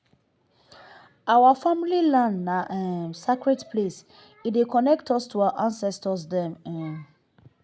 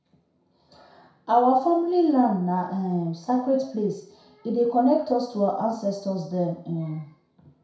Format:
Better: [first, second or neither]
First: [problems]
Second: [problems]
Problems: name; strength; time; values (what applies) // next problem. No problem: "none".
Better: first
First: none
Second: room echo; dies away in 0.6 s